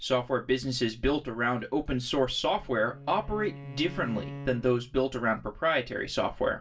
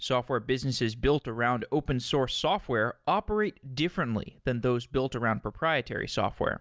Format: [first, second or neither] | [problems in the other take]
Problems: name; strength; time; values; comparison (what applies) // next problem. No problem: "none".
second | background sound (Bowed string instrument); 14 dB below the speech // room echo; dies away in 0.2 s